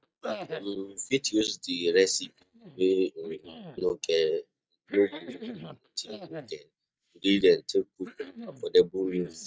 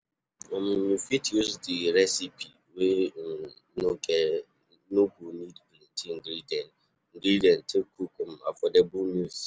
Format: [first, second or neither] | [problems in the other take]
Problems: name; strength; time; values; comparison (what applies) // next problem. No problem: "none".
second | noise reduction (neural mask model DeepFilterNet 3)